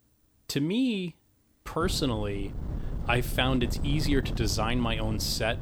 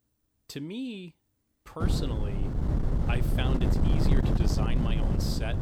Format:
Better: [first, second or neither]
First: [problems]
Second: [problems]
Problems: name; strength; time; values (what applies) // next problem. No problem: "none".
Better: first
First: wind noise on the microphone; occasional gusts; from 2 s on; 15 dB below the speech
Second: wind noise on the microphone; heavy; from 2 s on; 1 dB above the speech